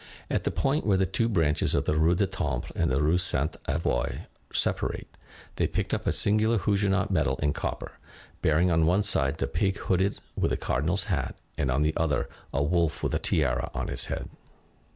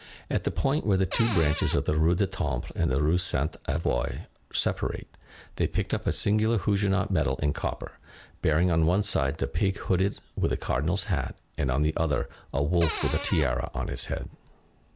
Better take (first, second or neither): first